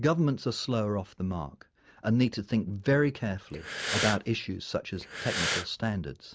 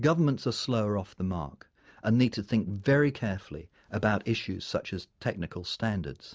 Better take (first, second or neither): second